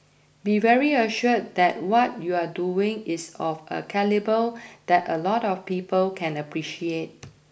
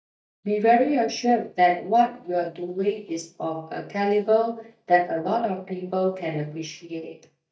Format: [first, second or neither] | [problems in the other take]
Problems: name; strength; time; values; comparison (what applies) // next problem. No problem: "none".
first | noise reduction (neural mask model DeepFilterNet 3)